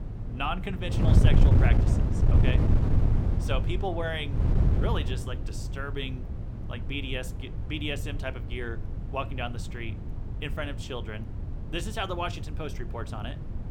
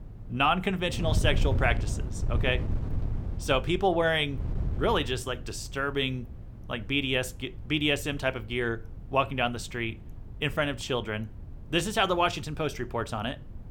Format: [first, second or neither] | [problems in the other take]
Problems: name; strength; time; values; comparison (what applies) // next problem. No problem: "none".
second | wind noise on the microphone; heavy; 5 dB below the speech; occasional gusts in the second